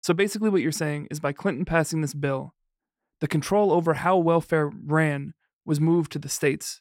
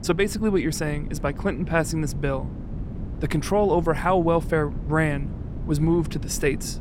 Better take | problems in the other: first | wind noise on the microphone; occasional gusts; 20 dB below the speech

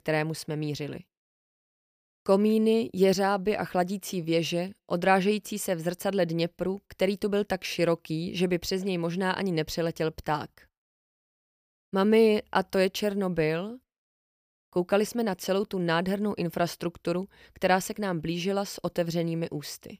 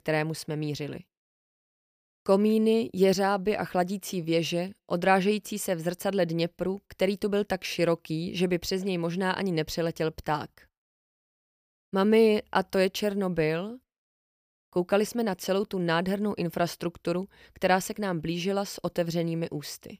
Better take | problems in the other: neither | none

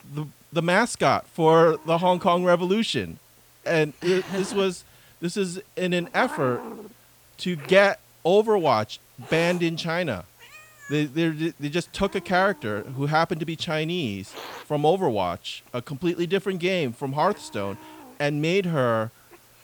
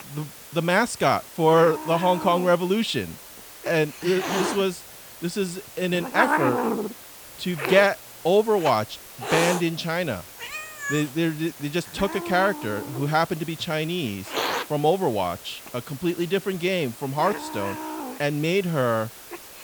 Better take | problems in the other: first | hiss; loud; throughout; 8 dB below the speech; faint in the first

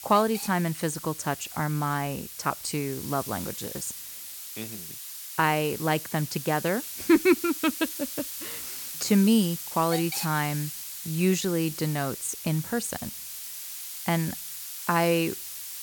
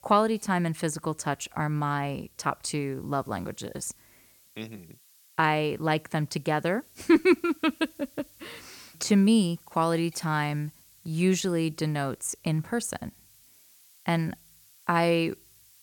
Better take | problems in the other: second | hiss; loud; throughout; 8 dB below the speech; faint in the second

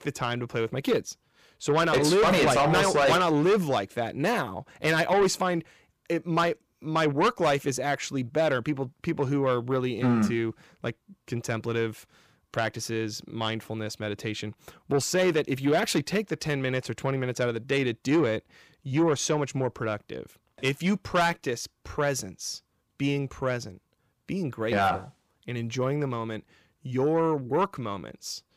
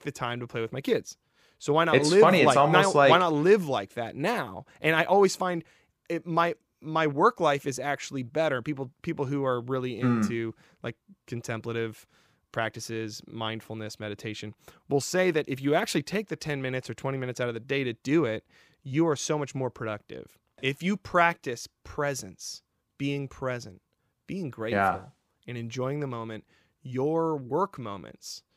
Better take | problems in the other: second | distortion; heavy; 7 dB below the speech

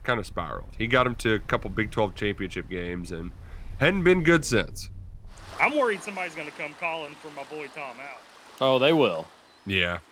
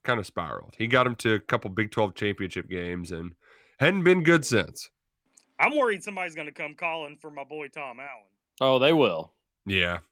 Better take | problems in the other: second | rain or running water; faint; throughout; 20 dB below the speech

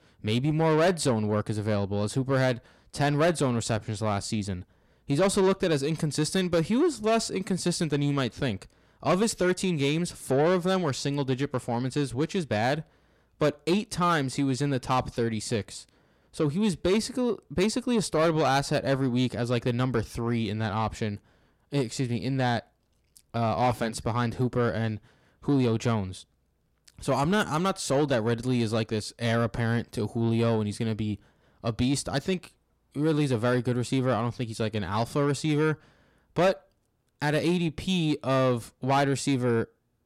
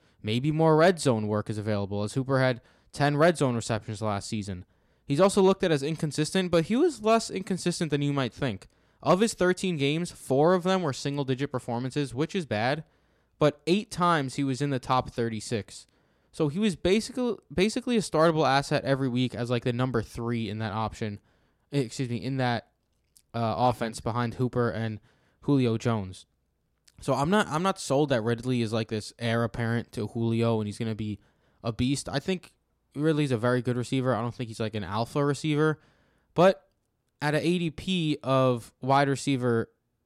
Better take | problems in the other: second | distortion; slight; 10 dB below the speech

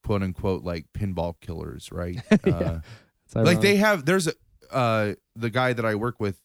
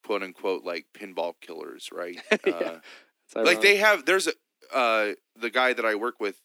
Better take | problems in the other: first | thin; very; fading below 300 Hz

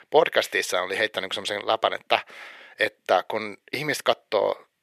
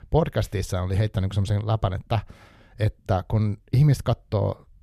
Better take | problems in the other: second | thin; very; fading below 400 Hz

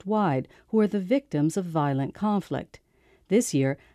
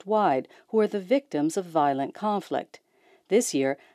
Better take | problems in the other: first | thin; somewhat; fading below 350 Hz

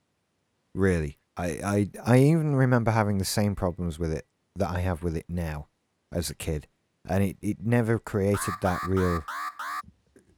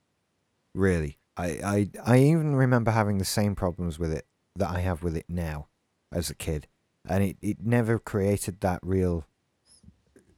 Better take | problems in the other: second | alarm; noticeable; from 8.5 to 10 s; peak 6 dB below the speech

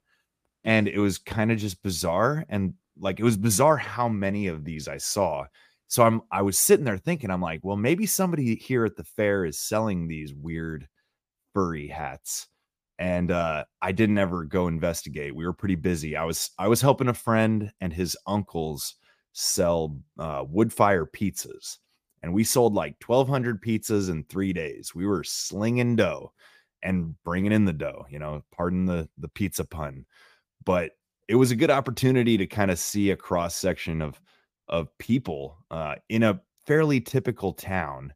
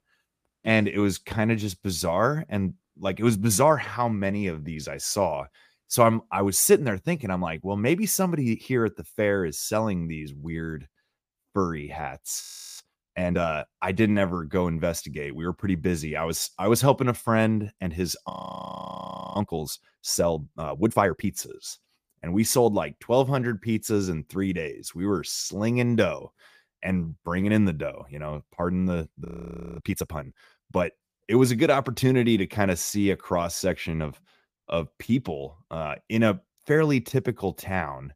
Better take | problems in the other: first | audio freezing; at 12 s, at 18 s for 1 s and at 29 s for 0.5 s

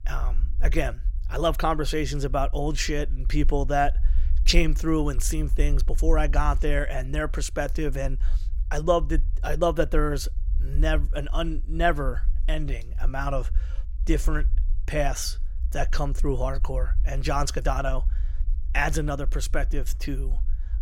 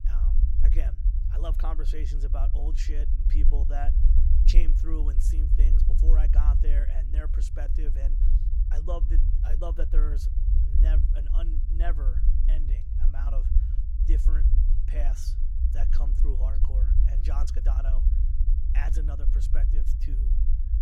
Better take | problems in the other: first | low rumble; loud; throughout; 4 dB below the speech; faint in the first

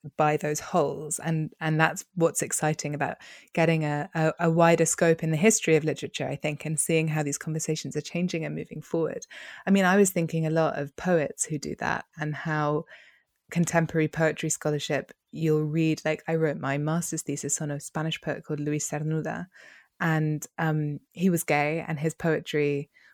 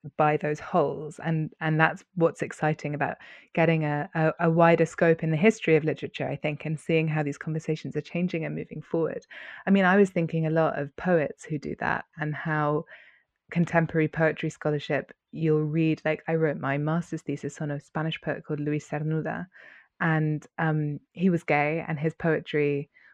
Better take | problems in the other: first | muffled; very; fading above 2.5 kHz

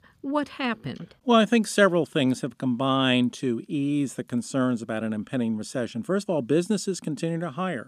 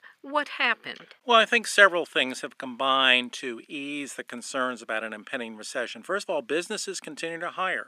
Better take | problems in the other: first | thin; very; fading below 500 Hz

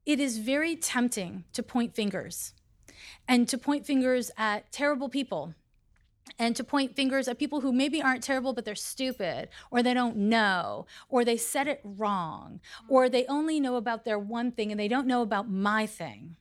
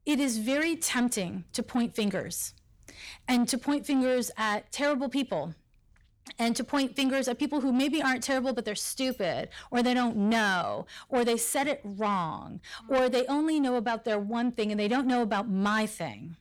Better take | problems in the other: first | distortion; slight; 10 dB below the speech

